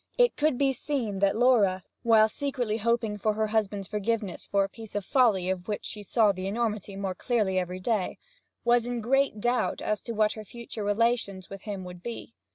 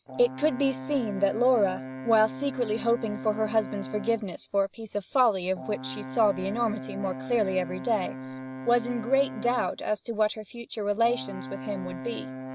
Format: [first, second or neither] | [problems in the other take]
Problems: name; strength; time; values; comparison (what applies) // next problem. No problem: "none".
first | background sound (Brass instrument); 11 dB below the speech